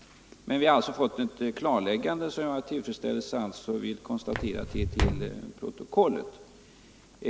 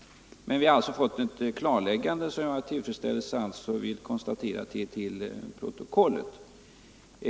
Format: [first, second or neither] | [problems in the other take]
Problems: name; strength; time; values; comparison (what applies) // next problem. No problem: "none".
second | background sound (Walk, footsteps); 1 dB below the speech